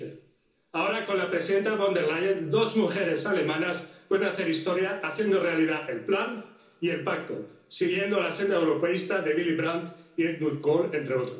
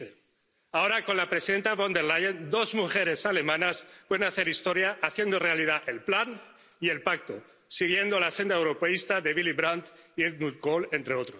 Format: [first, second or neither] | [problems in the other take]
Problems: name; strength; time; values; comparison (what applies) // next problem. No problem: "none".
second | room echo; dies away in 0.7 s